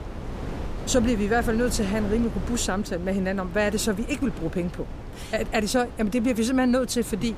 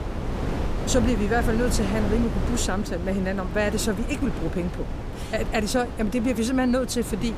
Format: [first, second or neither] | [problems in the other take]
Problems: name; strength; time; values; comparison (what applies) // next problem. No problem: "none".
first | wind noise on the microphone; heavy; 8 dB below the speech; occasional gusts in the first